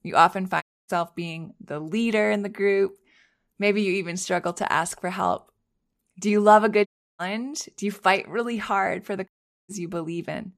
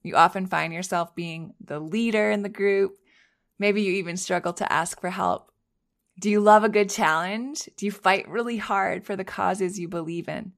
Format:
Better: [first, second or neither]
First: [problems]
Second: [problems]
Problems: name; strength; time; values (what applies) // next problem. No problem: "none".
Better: second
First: audio cutting out; at 0.5 s, at 7 s and at 9.5 s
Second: none